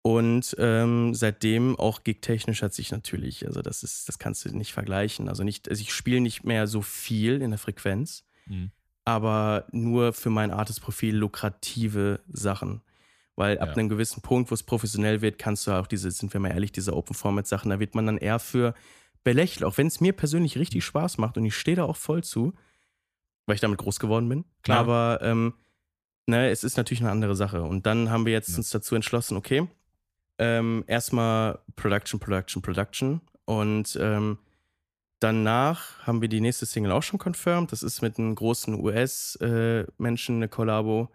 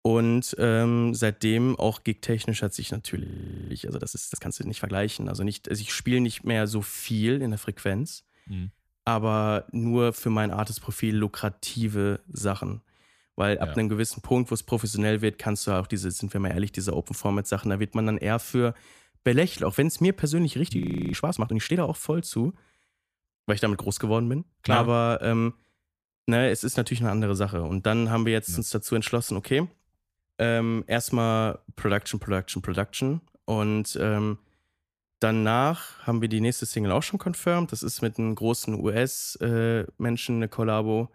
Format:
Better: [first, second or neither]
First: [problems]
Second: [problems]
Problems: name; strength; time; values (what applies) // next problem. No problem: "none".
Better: first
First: none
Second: audio freezing; at 3 s and at 21 s